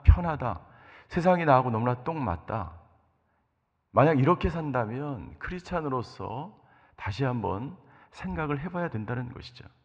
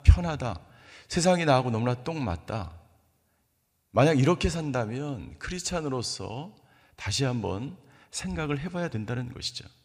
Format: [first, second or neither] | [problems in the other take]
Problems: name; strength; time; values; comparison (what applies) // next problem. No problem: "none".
second | muffled; very; fading above 2 kHz